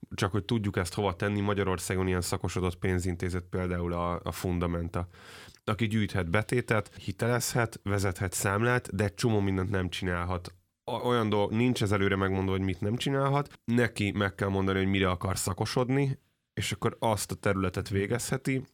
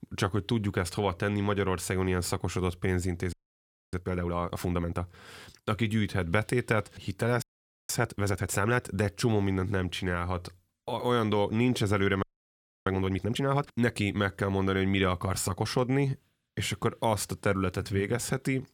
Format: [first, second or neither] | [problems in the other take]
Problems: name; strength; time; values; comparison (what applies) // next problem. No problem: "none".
first | audio freezing; at 3.5 s for 0.5 s, at 7.5 s and at 12 s for 0.5 s